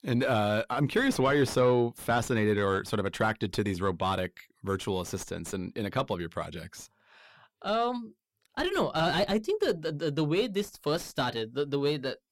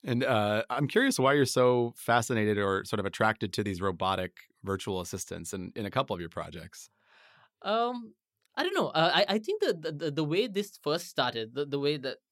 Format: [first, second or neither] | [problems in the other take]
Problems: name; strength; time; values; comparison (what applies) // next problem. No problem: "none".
second | distortion; slight; 9 dB below the speech